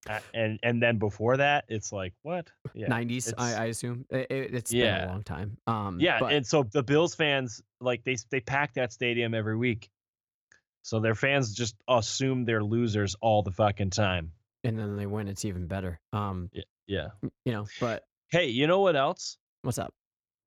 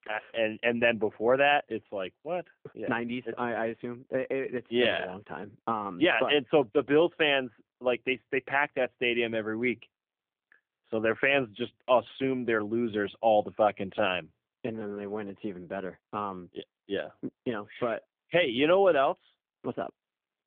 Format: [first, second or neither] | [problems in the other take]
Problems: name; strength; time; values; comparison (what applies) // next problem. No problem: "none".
first | phone-call audio; nothing above 3.5 kHz